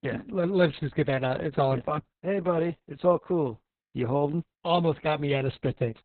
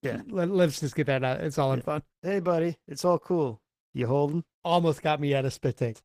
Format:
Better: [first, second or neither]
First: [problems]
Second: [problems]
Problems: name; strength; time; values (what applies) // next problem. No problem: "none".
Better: second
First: garbled, watery; badly; nothing above 4 kHz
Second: garbled, watery; slightly; nothing above 15 kHz